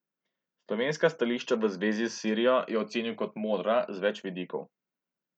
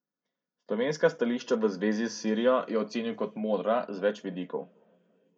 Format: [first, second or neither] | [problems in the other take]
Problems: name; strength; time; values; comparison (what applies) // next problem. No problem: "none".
first | room echo; dies away in 0.3 s